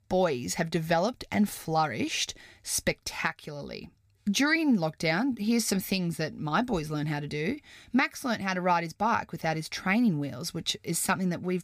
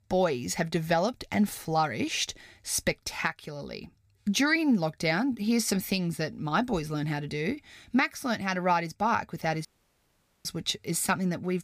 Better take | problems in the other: first | audio cutting out; at 9.5 s for 1 s

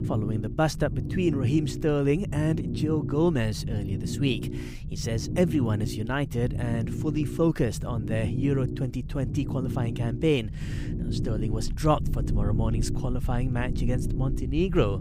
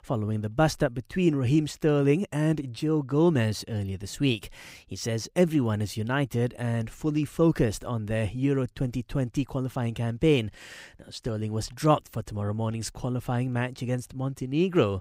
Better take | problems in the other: second | low rumble; loud; throughout; 10 dB below the speech

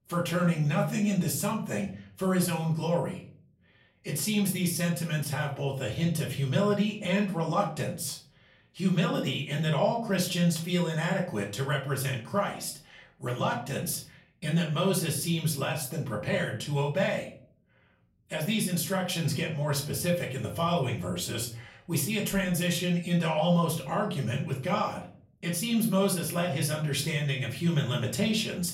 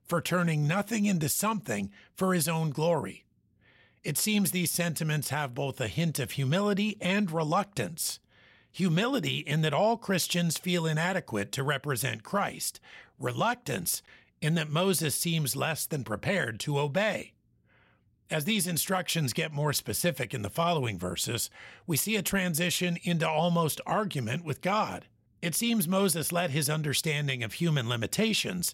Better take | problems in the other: second | room echo; slight; dies away in 0.4 s // off-mic speech; far

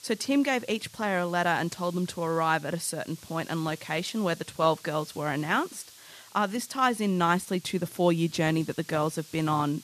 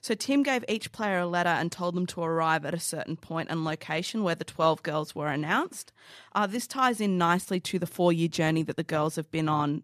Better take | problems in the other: second | hiss; faint; throughout; 20 dB below the speech

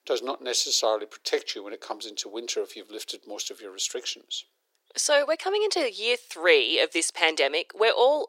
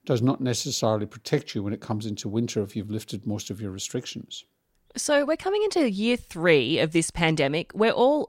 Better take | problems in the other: second | thin; very; fading below 400 Hz

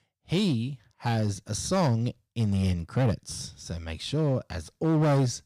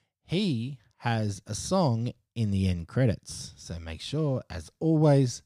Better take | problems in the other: second | distortion; slight; 7% of the sound clipped

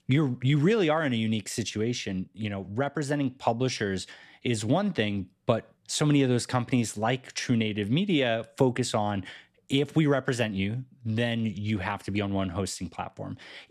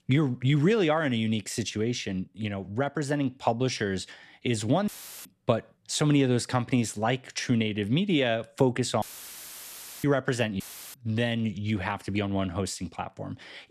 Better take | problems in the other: first | audio cutting out; filled with static; at 5 s, at 9 s for 1 s and at 11 s

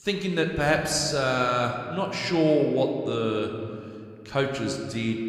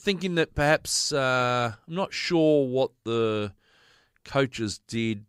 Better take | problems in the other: second | room echo; slight; dies away in 1.9 s

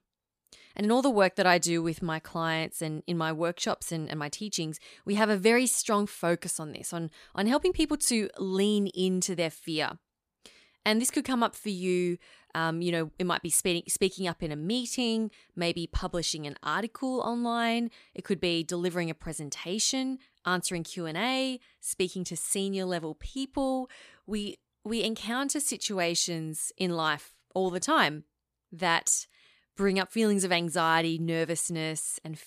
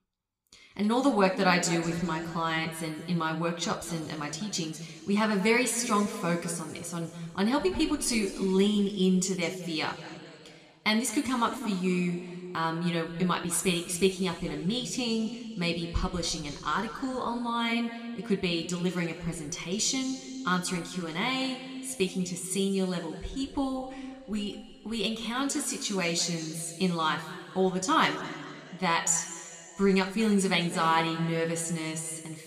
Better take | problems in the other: first | room echo; slight; dies away in 2.1 s

